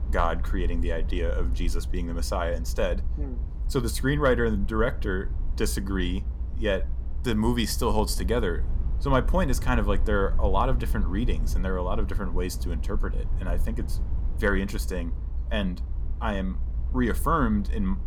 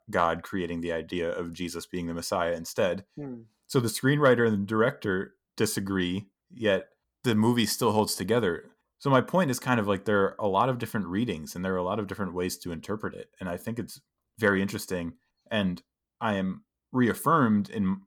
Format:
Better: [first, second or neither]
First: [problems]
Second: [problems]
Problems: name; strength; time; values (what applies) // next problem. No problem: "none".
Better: second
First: low rumble; noticeable; throughout; 20 dB below the speech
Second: none